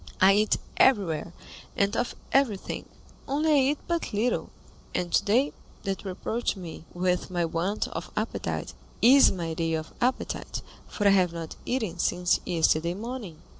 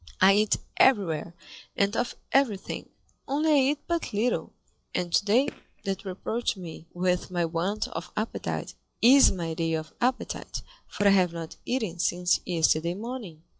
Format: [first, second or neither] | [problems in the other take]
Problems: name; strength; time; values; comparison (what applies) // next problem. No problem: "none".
first | noise reduction (classical method log-MMSE)